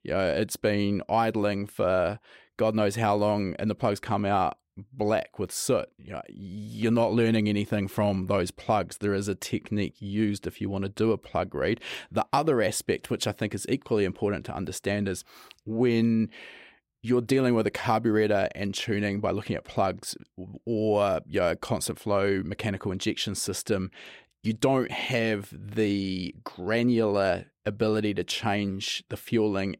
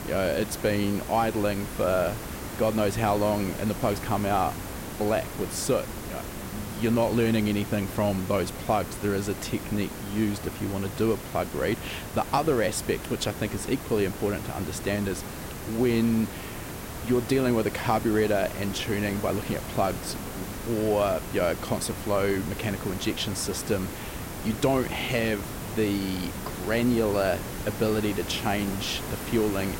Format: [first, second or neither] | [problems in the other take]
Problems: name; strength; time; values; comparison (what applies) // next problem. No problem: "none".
first | hiss; loud; throughout; 9 dB below the speech